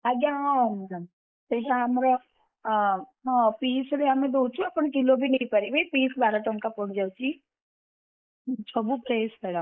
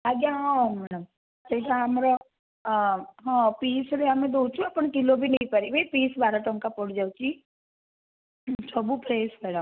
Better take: second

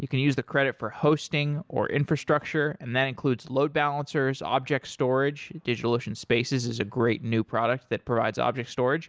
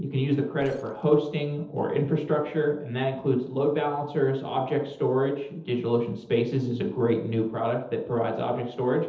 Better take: first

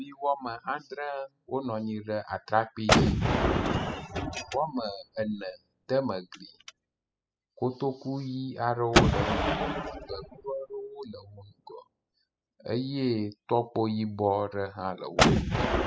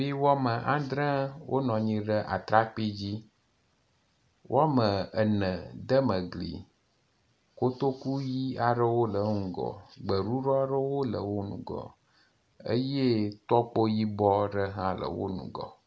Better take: second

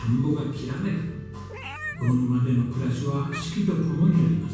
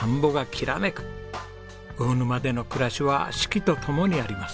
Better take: second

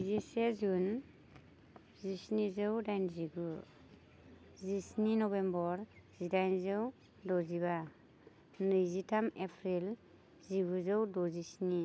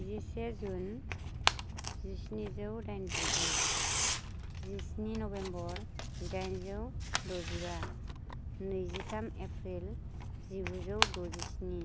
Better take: first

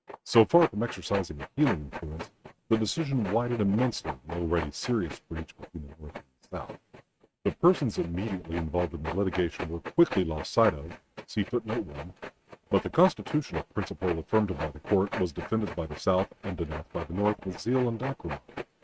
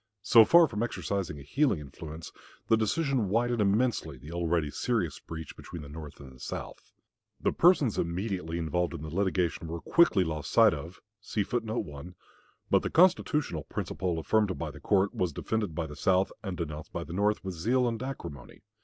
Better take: second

